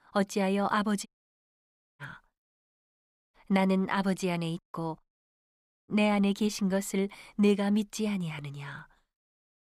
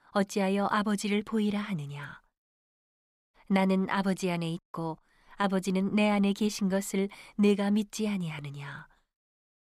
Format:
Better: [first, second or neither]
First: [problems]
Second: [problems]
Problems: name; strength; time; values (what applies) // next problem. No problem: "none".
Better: second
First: audio cutting out; at 1 s for 1 s and at 5 s for 1 s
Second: none